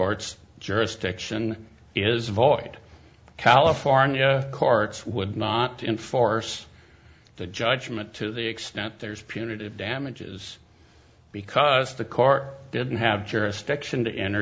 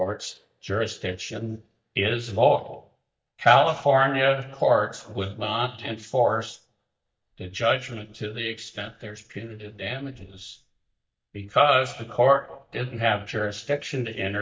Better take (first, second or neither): first